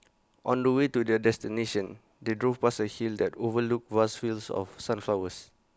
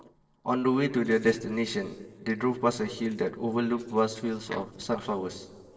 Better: first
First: none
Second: noise reduction (neural separator model SepFormer DNS4)

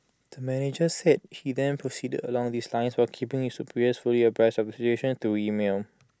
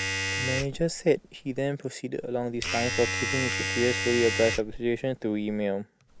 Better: first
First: none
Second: background sound (Domestic sounds, home sounds); 4 dB below the speech

